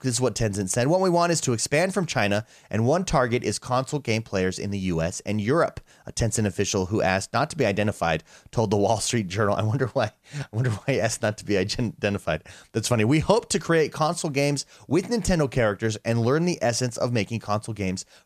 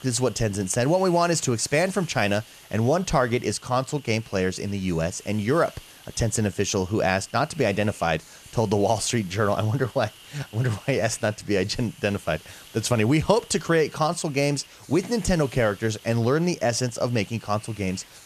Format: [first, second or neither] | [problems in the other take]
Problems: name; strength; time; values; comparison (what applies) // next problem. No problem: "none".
first | hiss; faint; throughout; 20 dB below the speech